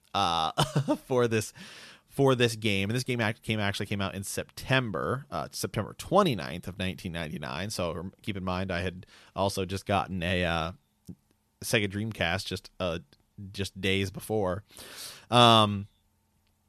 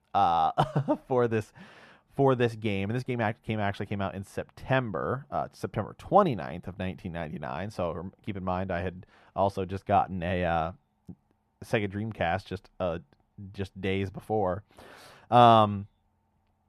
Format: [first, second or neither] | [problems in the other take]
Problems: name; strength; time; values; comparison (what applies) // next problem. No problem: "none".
first | muffled; very; fading above 3 kHz